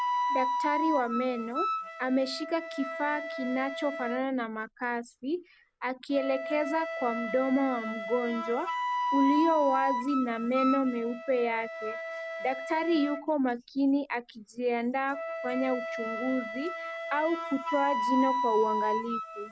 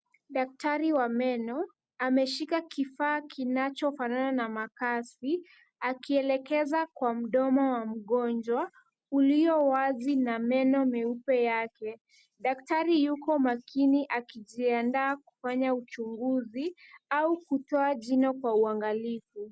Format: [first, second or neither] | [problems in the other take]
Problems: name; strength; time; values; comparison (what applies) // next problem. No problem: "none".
second | background sound (Wind instrument, woodwind instrument); 4 dB below the speech